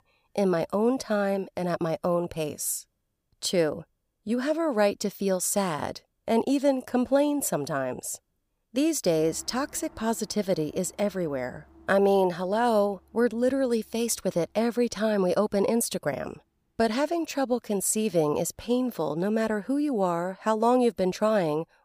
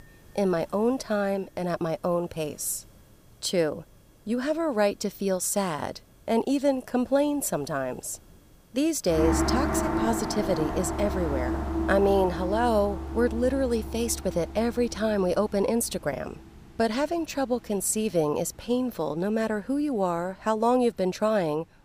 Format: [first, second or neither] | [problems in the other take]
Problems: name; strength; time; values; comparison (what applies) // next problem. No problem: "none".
first | background music; loud; throughout; 4 dB below the speech; faint in the first